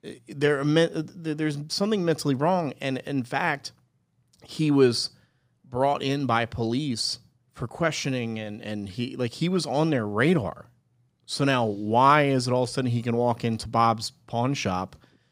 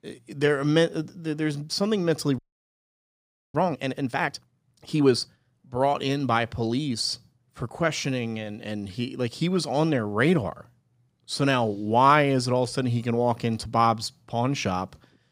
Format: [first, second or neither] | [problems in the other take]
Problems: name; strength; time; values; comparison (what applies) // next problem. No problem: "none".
first | audio freezing; at 2.5 s for 1 s